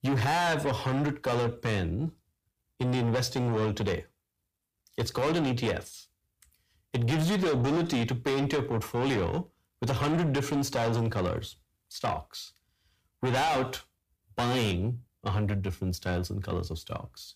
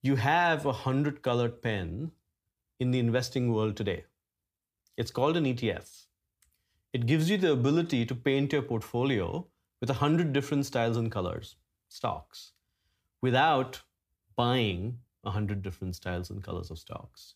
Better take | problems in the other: second | distortion; heavy; 6 dB below the speech

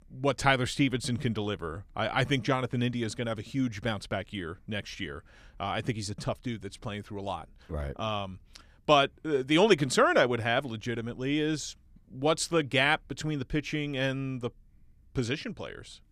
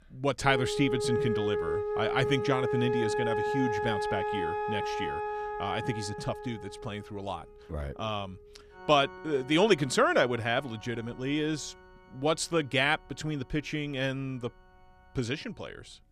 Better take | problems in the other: first | background music; loud; throughout; 2 dB below the speech

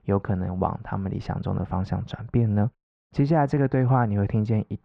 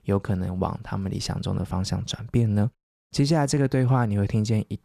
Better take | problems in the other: second | muffled; very; fading above 1.5 kHz

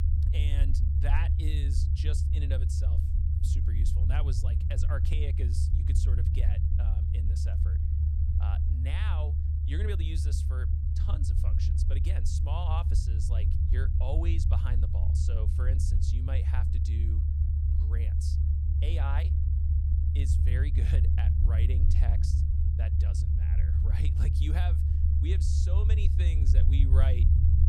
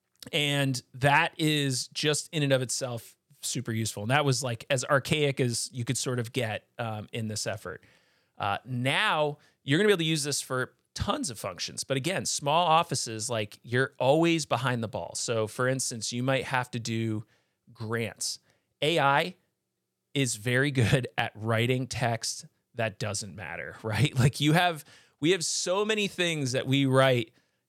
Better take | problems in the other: second | low rumble; loud; throughout; as loud as the speech

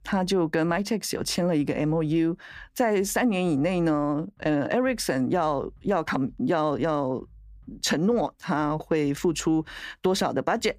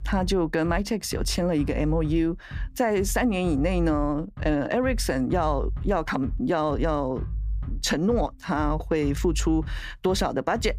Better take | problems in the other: first | background music; loud; throughout; 9 dB below the speech; faint in the first

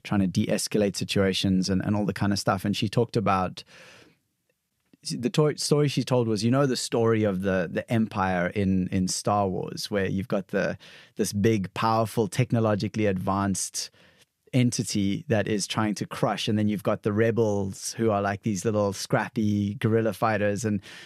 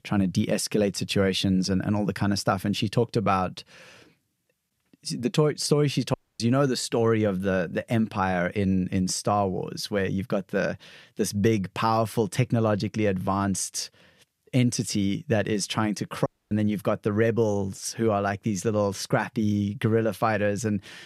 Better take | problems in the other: first | audio cutting out; at 6 s and at 16 s

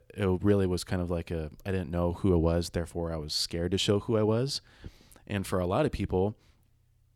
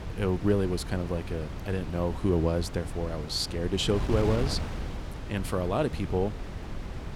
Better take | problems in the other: first | wind noise on the microphone; occasional gusts; 10 dB below the speech

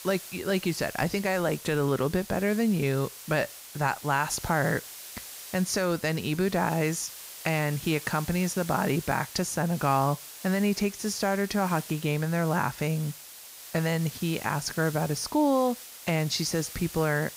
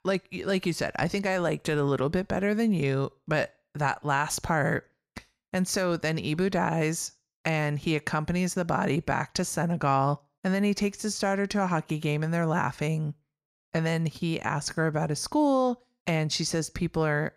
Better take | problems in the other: second | hiss; noticeable; throughout; 15 dB below the speech

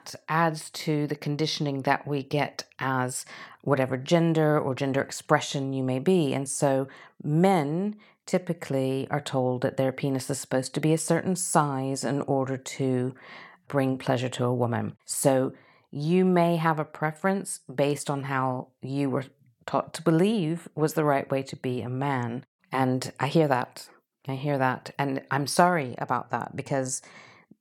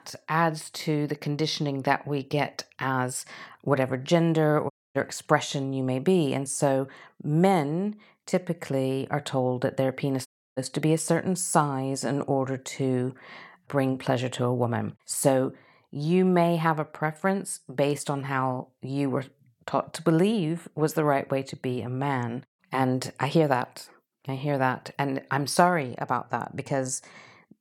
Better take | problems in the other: first | audio cutting out; at 4.5 s and at 10 s

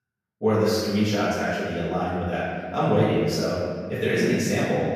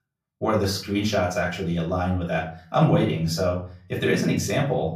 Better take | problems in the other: second | room echo; strong; dies away in 1.7 s; slight in the second // off-mic speech; far; far in the second

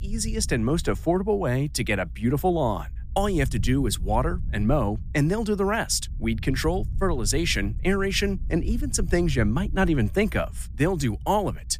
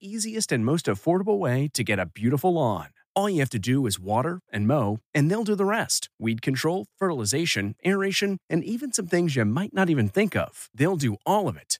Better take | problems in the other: second | low rumble; faint; throughout; 25 dB below the speech

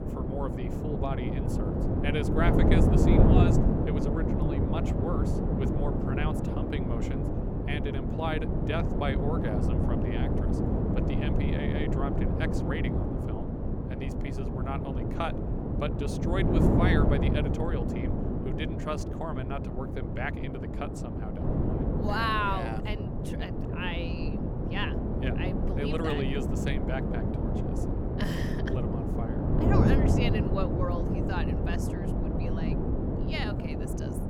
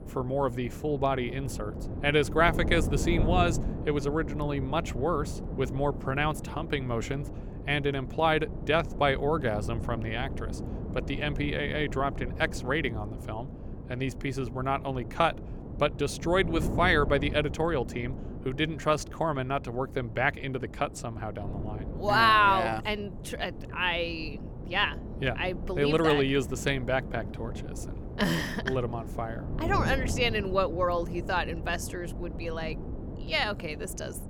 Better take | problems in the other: second | wind noise on the microphone; heavy; 1 dB above the speech; occasional gusts in the second

